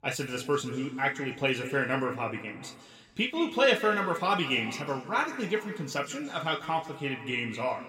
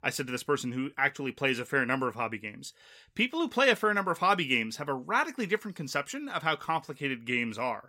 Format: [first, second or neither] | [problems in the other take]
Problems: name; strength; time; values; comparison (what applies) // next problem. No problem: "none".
second | room echo; slight; dies away in 1.5 s